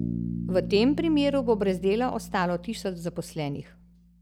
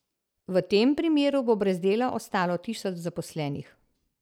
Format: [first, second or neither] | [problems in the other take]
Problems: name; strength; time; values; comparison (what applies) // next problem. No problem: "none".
second | background sound (Bass guitar); 9 dB below the speech